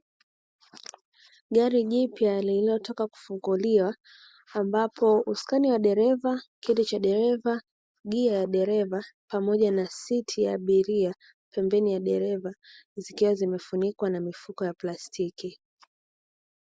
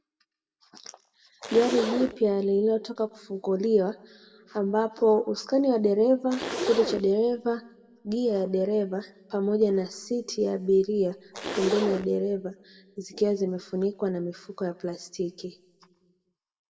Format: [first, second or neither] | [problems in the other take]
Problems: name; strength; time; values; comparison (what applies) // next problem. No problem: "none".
first | background sound (Zipper (clothing)); 9 dB below the speech // room echo; dies away in 0.7 s